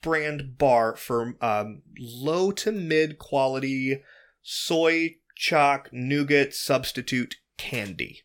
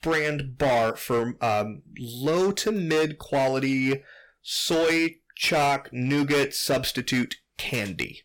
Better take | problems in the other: first | distortion; heavy; 12% of the sound clipped

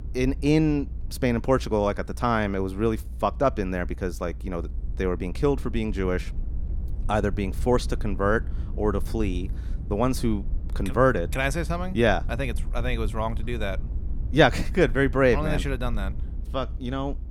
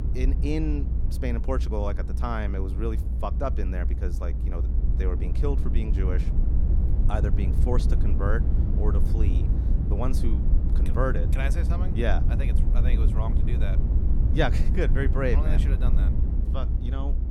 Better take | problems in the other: first | low rumble; loud; throughout; 7 dB below the speech; faint in the first

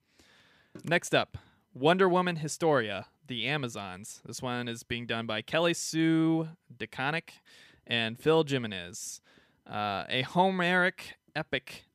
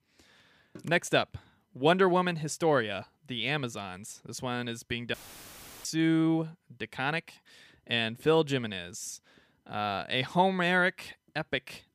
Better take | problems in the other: first | audio cutting out; filled with static; at 5 s for 0.5 s

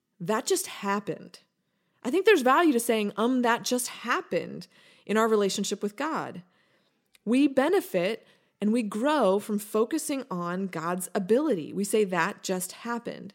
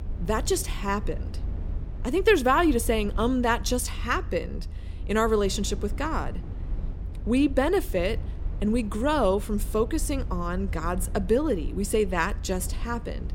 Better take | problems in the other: first | low rumble; faint; throughout; 20 dB below the speech

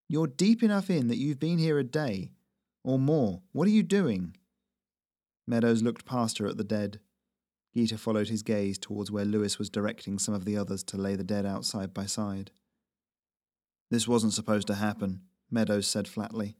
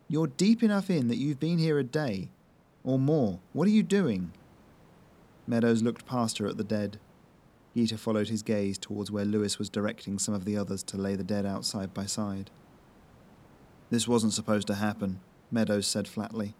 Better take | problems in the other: first | hiss; faint; throughout; 30 dB below the speech

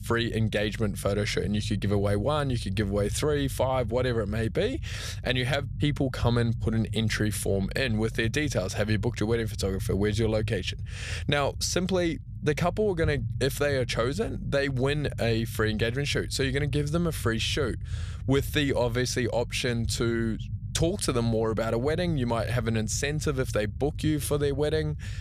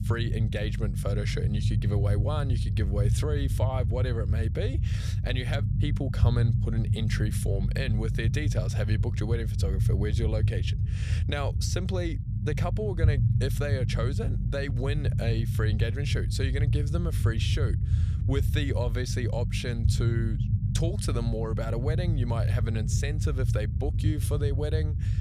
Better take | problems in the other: first | low rumble; loud; throughout; 6 dB below the speech; faint in the first

